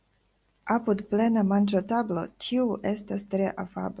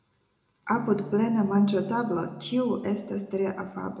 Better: first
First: none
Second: background sound (Electric guitar / Strum); 14 dB below the speech // room echo; dies away in 0.5 s

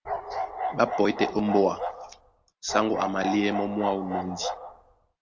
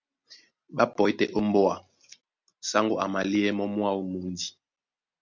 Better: second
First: background sound (Bark); 5 dB below the speech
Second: none

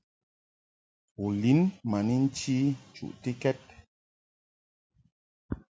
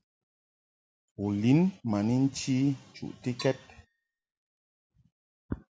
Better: first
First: none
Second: background sound (Percussion); 19 dB below the speech

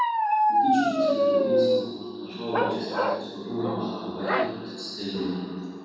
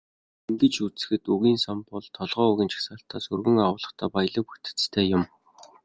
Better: second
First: background sound (Bark); 5 dB above the speech // room echo; dies away in 2.1 s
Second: none

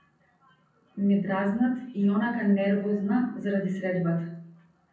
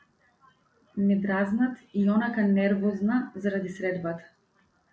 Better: second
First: room echo; dies away in 0.6 s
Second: none

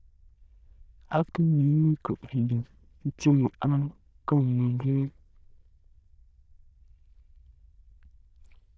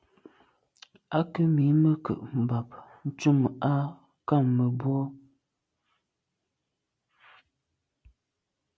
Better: second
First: noise reduction (neural diffusion model UNIVERSE++)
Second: none

